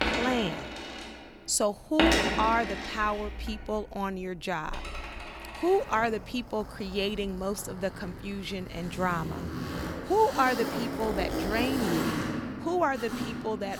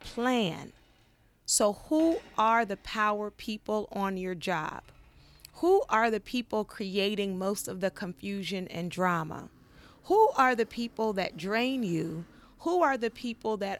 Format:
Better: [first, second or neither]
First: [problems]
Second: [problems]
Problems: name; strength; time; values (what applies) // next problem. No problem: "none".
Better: second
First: household noises; loud; throughout; 3 dB below the speech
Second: household noises; faint; throughout; 30 dB below the speech